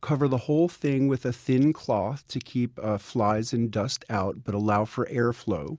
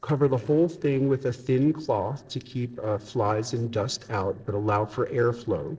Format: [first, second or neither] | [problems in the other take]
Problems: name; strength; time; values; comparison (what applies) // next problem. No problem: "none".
first | noise reduction (neural separator model SepFormer DNS4)